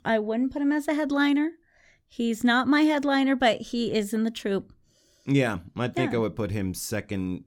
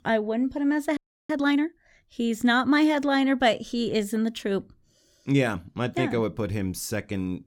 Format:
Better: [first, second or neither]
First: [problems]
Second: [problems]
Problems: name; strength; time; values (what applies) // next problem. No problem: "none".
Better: first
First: none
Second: audio freezing; at 1 s